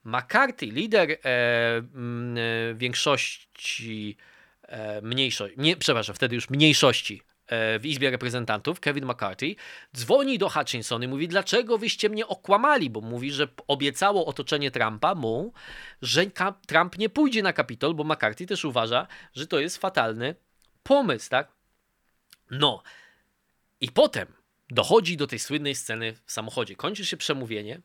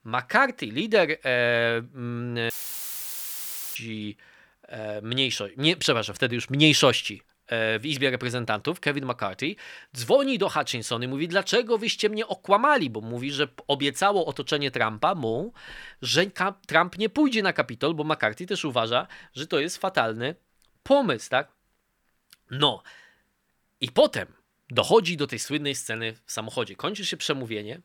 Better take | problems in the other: first | audio cutting out; filled with static; at 2.5 s for 1.5 s

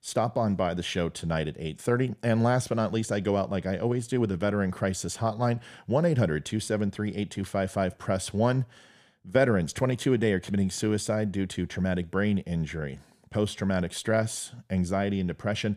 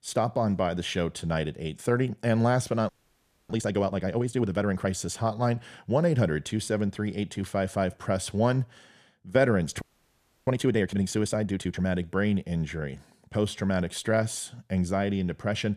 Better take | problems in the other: first | audio freezing; at 3 s for 0.5 s and at 10 s for 0.5 s

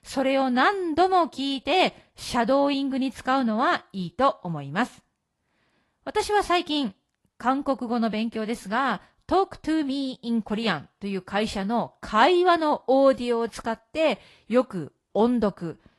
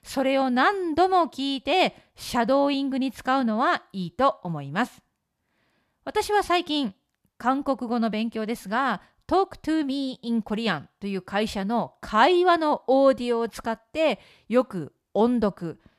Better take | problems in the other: second | garbled, watery; slightly; nothing above 11.5 kHz

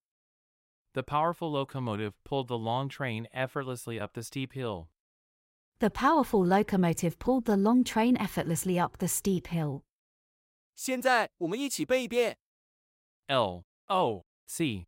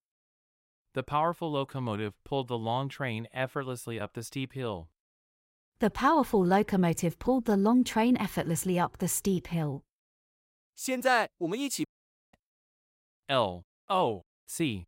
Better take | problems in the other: first | audio cutting out; at 12 s

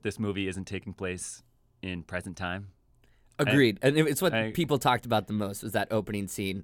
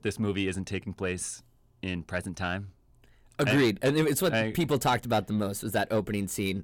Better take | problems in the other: first | distortion; slight; 10 dB below the speech

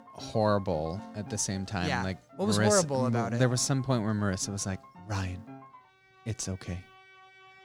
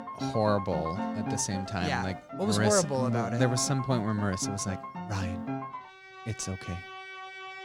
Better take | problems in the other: first | background music; loud; throughout; 8 dB below the speech; faint in the first

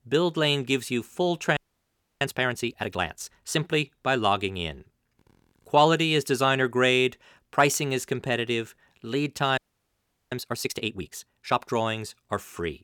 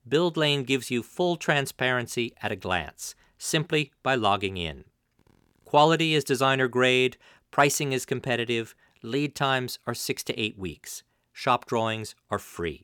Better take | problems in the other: second | audio freezing; at 1.5 s for 0.5 s and at 9.5 s for 0.5 s

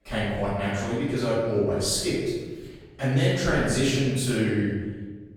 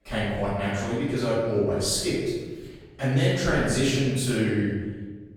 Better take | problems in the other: neither | off-mic speech; far; the same in both // room echo; strong; dies away in 1.2 s; the same in both

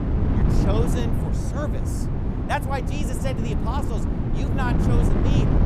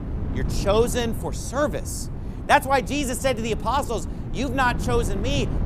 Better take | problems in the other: second | wind noise on the microphone; heavy; 1 dB below the speech; occasional gusts in the second

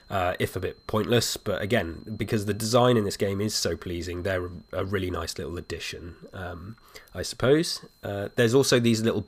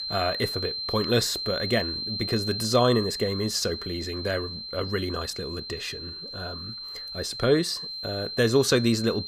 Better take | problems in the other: first | high-pitched whine; loud; throughout; 4 kHz, 5 dB below the speech; faint in the first

